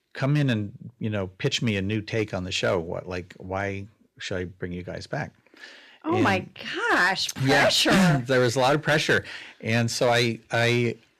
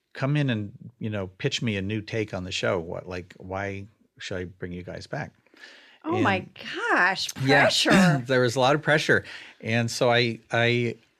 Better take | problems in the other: second | distortion; slight; 5% of the sound clipped

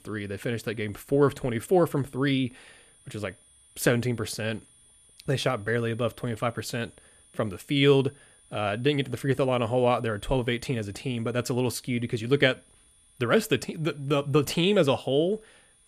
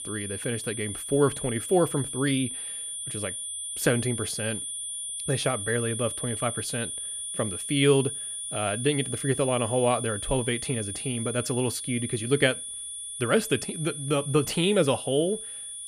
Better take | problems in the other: first | high-pitched whine; loud; throughout; 9 kHz, 5 dB below the speech; faint in the first

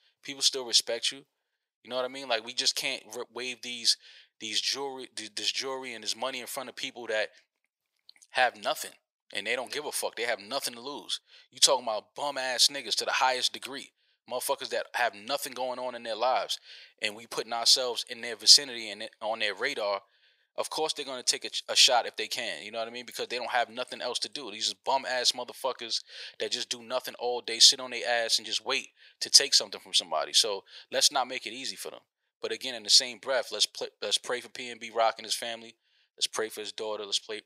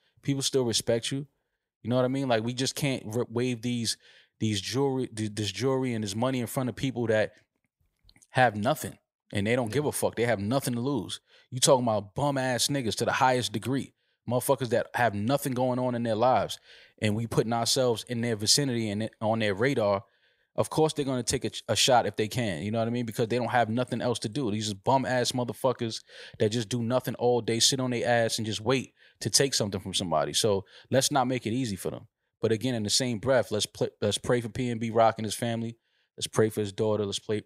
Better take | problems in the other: second | thin; very; fading below 600 Hz

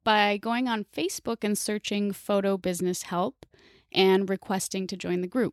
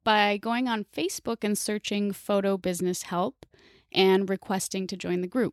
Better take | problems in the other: neither | none

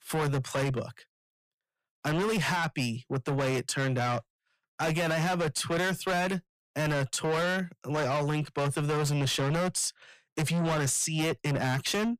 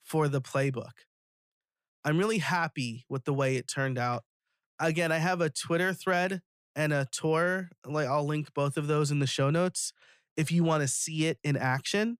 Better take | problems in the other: second | distortion; heavy; 7 dB below the speech

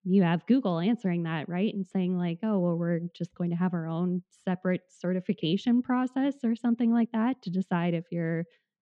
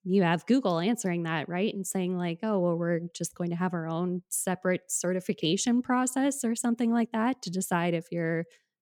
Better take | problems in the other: second | muffled; very; fading above 3.5 kHz

